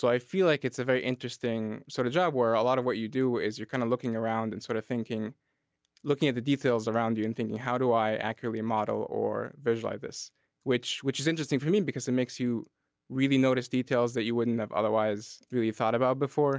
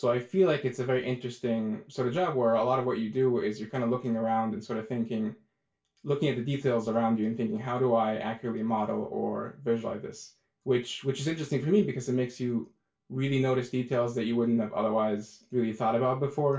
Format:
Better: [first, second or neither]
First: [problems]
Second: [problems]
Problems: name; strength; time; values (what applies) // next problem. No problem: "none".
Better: first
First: none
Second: room echo; dies away in 0.2 s